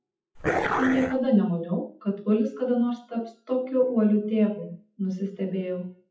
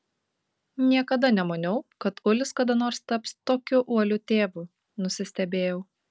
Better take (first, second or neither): second